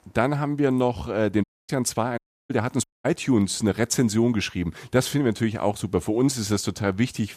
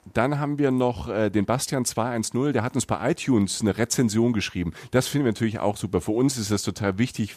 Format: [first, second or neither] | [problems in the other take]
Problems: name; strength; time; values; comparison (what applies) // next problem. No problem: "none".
second | audio cutting out; at 1.5 s, at 2 s and at 3 s